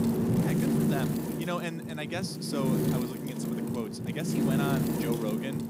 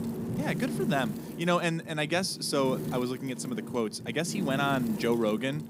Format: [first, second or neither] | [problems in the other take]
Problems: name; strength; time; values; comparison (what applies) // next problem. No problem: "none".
second | wind noise on the microphone; heavy; 2 dB above the speech; occasional gusts in the second